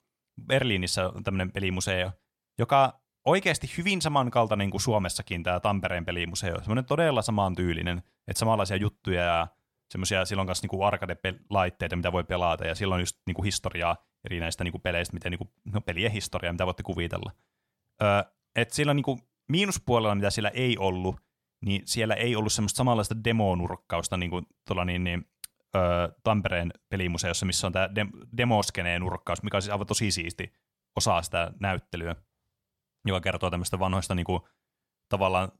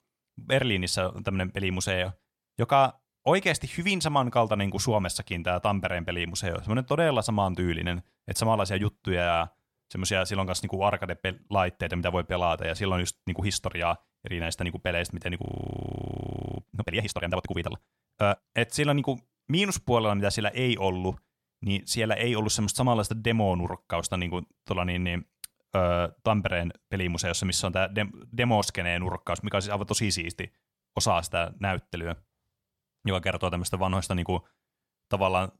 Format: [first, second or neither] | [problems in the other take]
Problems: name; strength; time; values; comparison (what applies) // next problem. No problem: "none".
first | audio freezing; at 15 s for 1 s